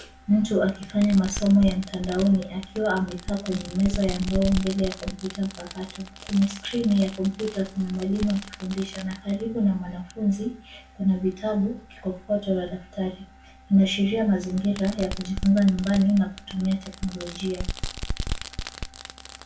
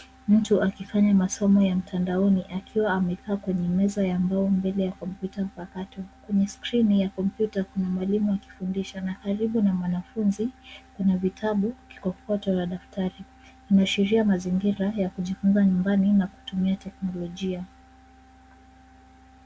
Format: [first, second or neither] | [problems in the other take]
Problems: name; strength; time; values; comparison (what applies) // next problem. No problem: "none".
second | background sound (Fireworks); 11 dB below the speech // room echo; dies away in 0.3 s